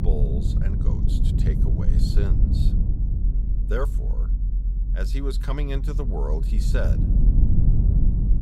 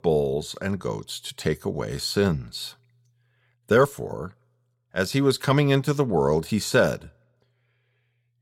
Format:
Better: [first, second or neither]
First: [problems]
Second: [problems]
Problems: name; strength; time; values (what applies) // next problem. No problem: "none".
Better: second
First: low rumble; loud; throughout; 3 dB below the speech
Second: none